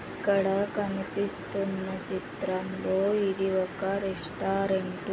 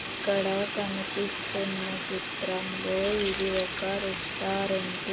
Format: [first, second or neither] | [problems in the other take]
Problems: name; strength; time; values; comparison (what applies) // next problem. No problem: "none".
first | background sound (Keys jangling + Sink (filling or washing)); 5 dB below the speech